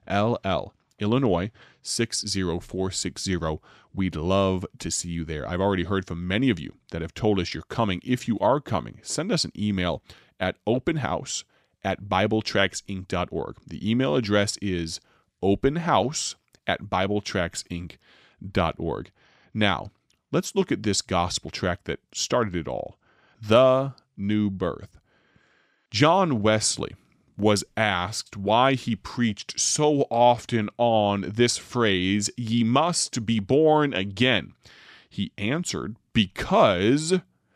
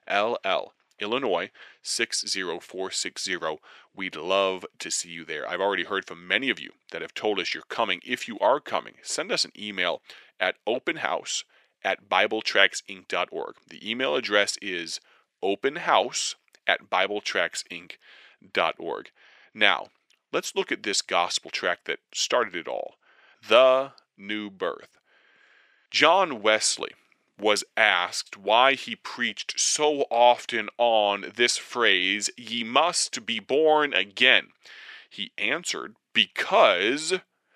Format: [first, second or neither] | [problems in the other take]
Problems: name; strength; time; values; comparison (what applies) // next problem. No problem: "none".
first | thin; somewhat; fading below 500 Hz